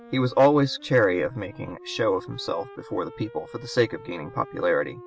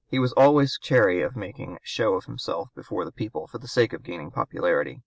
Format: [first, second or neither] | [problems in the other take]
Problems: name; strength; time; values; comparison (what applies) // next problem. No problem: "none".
second | background sound (Wind instrument, woodwind instrument); 19 dB below the speech